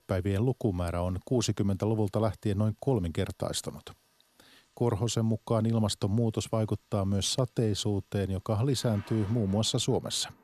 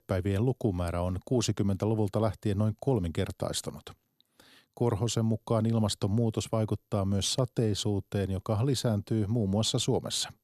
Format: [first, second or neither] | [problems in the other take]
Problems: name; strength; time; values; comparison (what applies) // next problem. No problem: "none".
second | rain or running water; faint; throughout; 30 dB below the speech